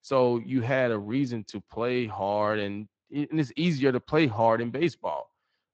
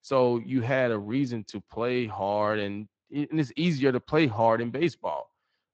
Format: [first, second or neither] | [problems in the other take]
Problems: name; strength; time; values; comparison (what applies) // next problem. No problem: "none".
neither | garbled, watery; slightly; nothing above 7.5 kHz; the same in both